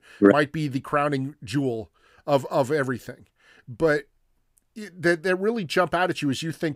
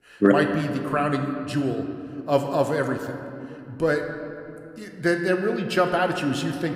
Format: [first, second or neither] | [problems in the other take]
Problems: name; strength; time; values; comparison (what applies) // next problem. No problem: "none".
first | room echo; slight; dies away in 2 s